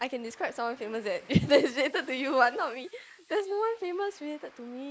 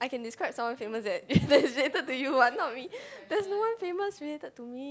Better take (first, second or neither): second